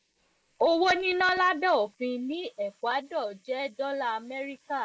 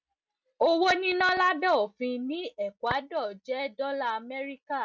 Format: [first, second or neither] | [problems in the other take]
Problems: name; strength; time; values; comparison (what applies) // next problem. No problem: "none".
second | noise reduction (neural mask model Resemble Enhance denoiser)